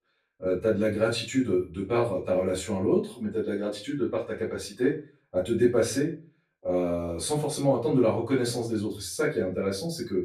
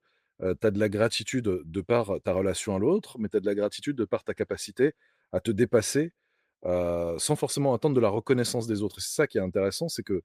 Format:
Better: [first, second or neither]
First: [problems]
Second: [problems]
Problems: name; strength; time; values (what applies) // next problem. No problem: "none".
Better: second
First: off-mic speech; far // room echo; slight; dies away in 0.3 s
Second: none